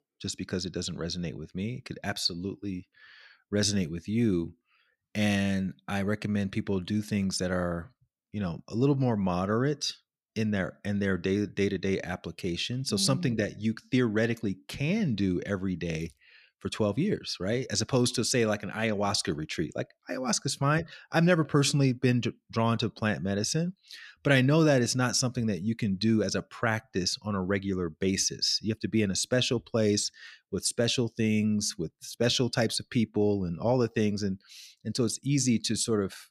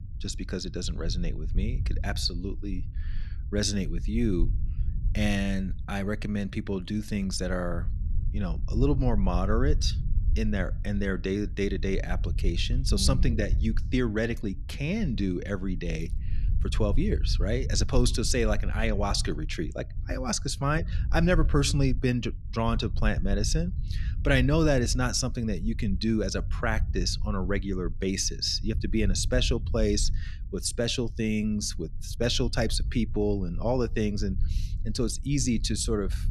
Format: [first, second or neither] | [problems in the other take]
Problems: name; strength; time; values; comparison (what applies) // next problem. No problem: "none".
first | low rumble; noticeable; throughout; 20 dB below the speech